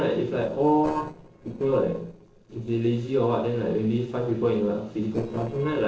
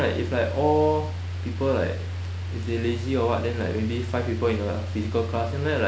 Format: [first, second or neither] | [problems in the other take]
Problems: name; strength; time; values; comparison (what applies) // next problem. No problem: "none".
second | noise reduction (neural separator model SepFormer DNS4)